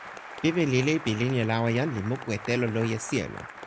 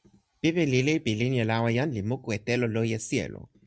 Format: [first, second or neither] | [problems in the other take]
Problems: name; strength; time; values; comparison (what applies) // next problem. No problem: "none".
second | background sound (Applause); 14 dB below the speech